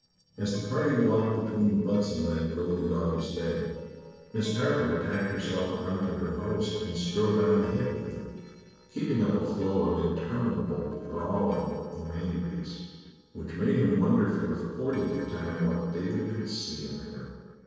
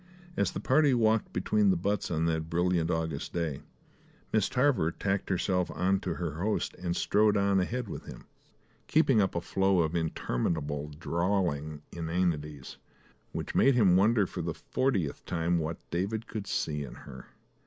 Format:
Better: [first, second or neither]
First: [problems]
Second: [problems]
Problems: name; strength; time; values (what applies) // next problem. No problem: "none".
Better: second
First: noise reduction (neural separator model SepFormer DNS4)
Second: none